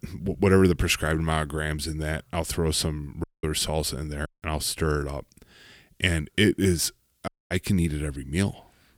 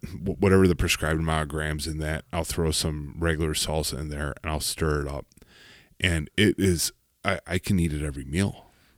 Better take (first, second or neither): second